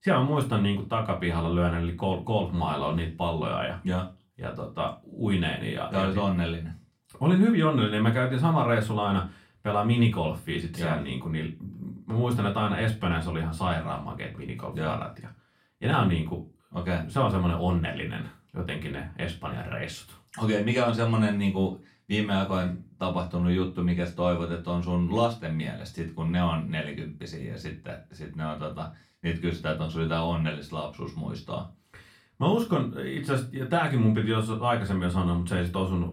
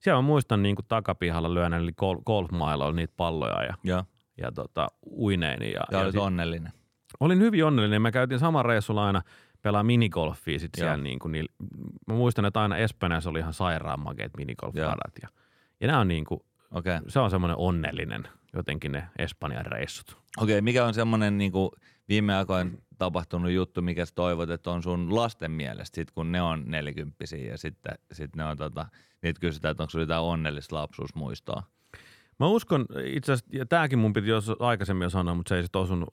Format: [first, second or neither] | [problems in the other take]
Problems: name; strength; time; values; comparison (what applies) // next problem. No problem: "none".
second | off-mic speech; far // room echo; very slight; dies away in 0.2 s